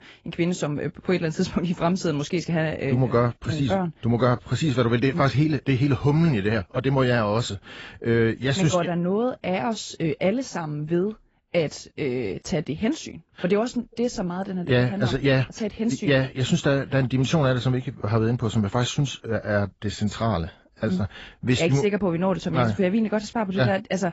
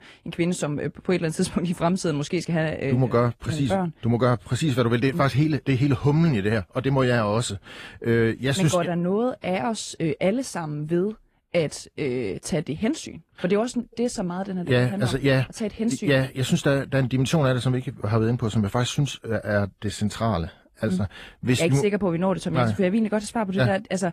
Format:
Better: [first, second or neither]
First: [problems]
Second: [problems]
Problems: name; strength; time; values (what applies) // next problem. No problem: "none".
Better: second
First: garbled, watery; badly; nothing above 7.5 kHz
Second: garbled, watery; slightly; nothing above 14.5 kHz